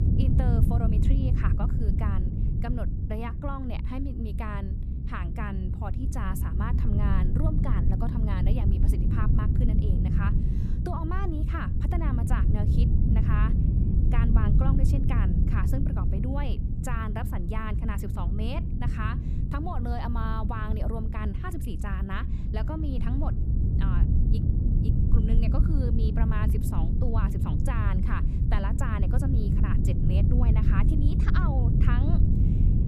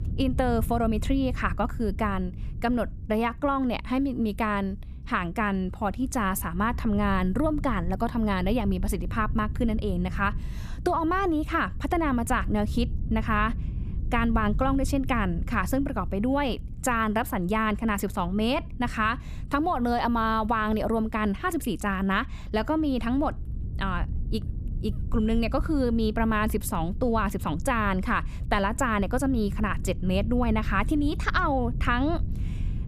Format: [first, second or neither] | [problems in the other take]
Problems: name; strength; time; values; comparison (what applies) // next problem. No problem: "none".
second | low rumble; loud; throughout; 2 dB below the speech; faint in the second